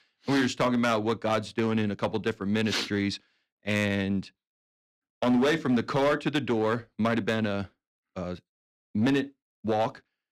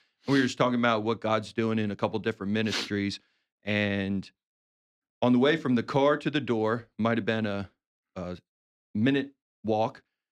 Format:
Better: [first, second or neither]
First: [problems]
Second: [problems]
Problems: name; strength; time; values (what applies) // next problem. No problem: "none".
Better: second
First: distortion; slight; 6% of the sound clipped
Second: none